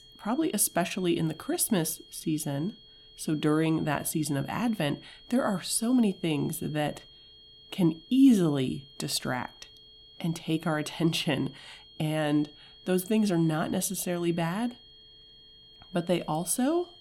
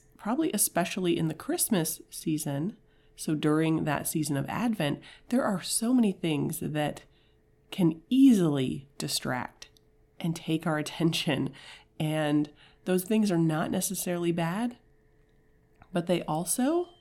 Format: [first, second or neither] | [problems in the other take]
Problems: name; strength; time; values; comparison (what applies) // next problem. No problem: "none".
second | high-pitched whine; faint; throughout; 3 kHz, 20 dB below the speech